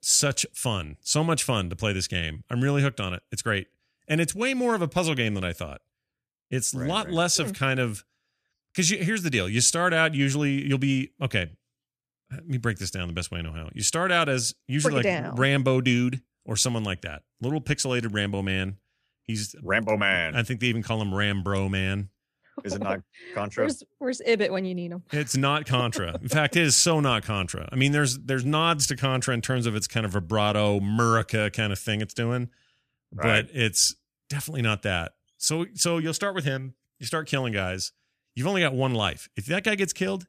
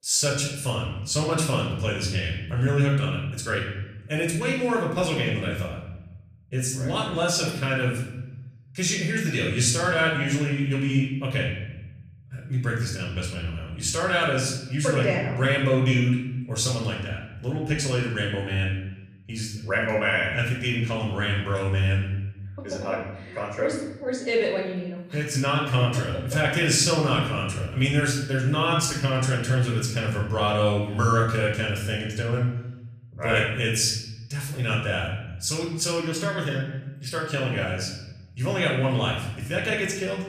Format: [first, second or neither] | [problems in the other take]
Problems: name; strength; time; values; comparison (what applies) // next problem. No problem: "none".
first | off-mic speech; far // room echo; noticeable; dies away in 1 s